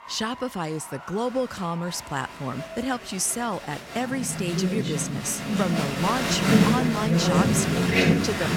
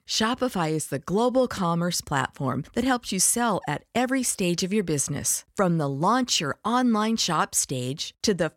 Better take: second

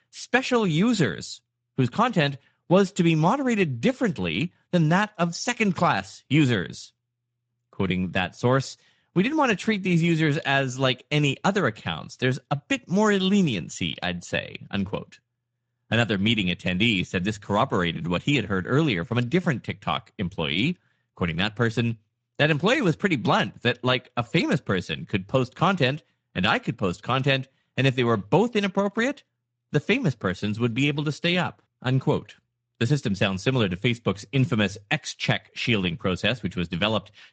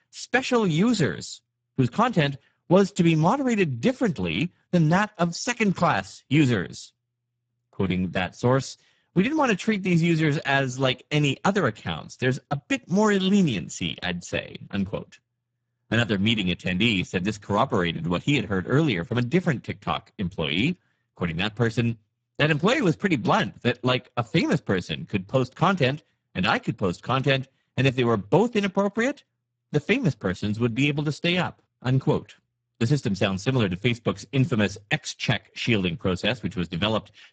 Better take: first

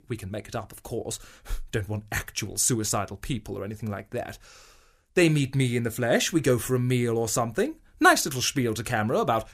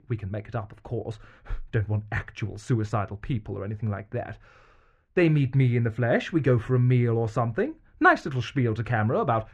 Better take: first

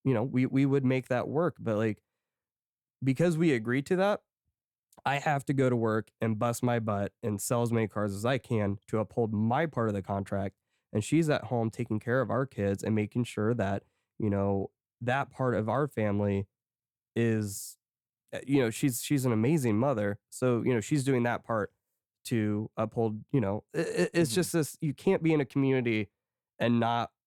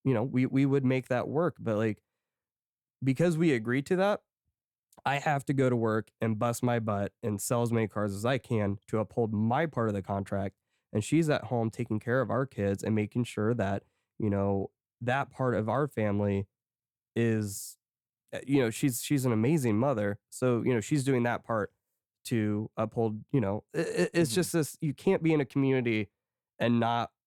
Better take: neither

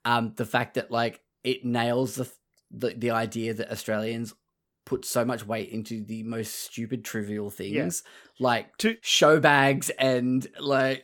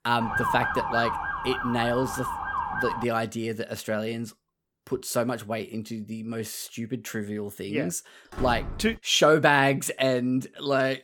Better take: first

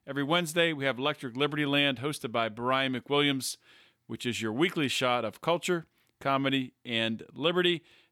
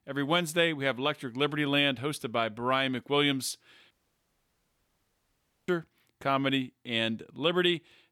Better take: first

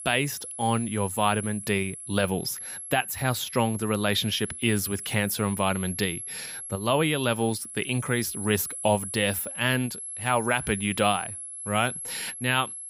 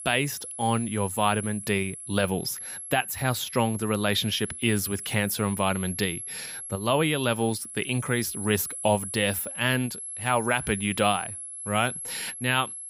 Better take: neither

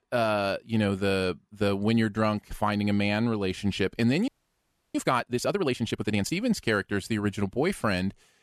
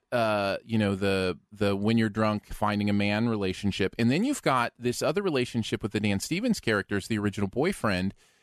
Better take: second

